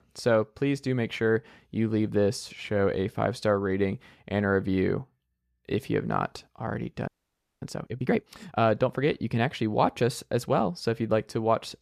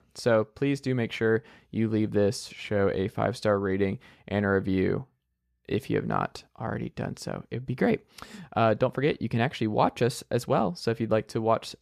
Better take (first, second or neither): second